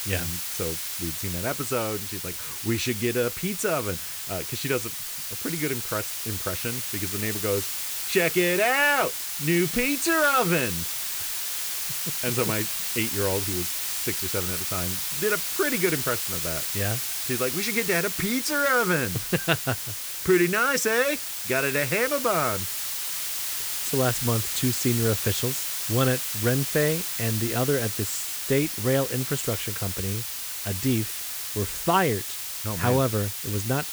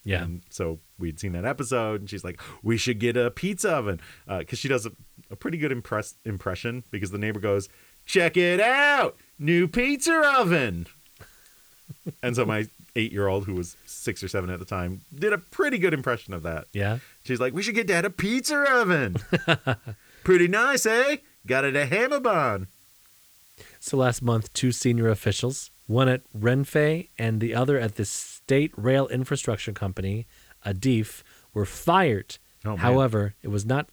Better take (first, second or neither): second